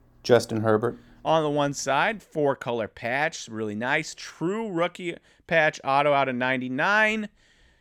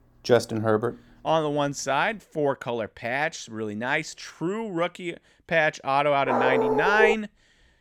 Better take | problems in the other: first | dog barking; loud; at 6.5 s; peak 3 dB above the speech

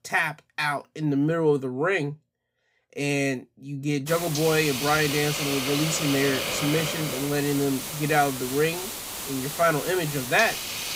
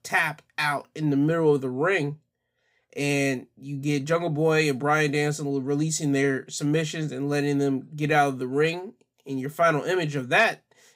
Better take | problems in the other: second | hiss; loud; from 4 s on; 4 dB below the speech

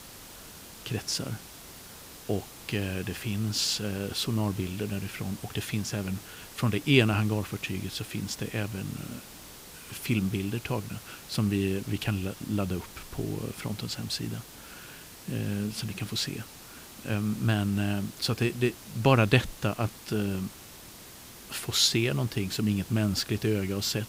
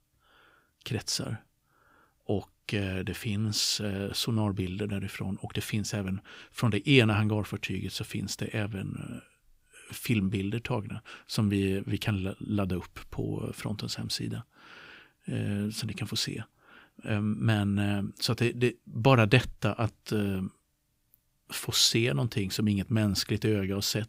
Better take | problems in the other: second | hiss; noticeable; throughout; 15 dB below the speech

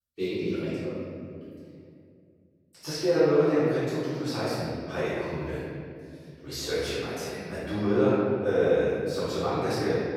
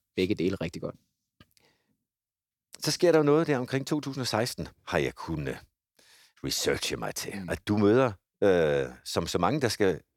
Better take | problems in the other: second | off-mic speech; far // room echo; strong; dies away in 2.3 s

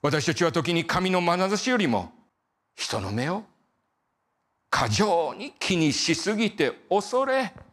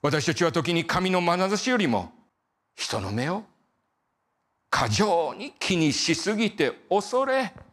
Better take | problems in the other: neither | none

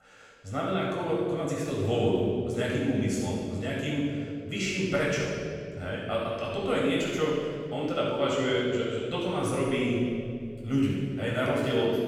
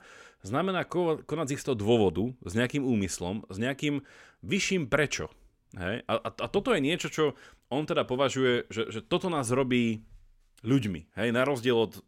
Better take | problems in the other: second | off-mic speech; far // room echo; strong; dies away in 2.2 s

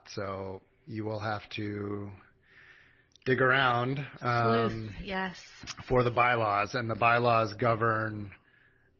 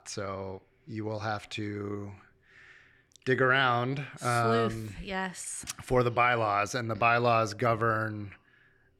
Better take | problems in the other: second | garbled, watery; slightly; nothing above 6 kHz

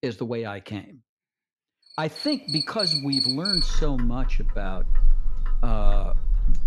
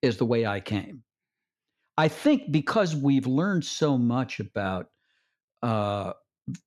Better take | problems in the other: second | animal sounds; very loud; from 2.5 s on; 4 dB above the speech

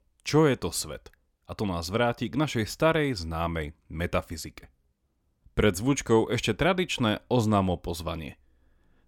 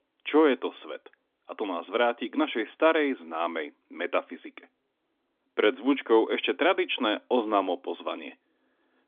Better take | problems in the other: first | phone-call audio; nothing above 3.5 kHz

